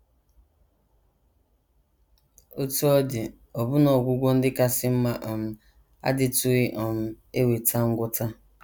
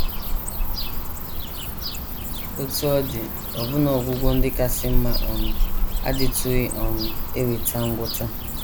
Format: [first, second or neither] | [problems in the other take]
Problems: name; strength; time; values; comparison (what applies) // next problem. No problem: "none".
first | background sound (Cricket / Bird); 3 dB above the speech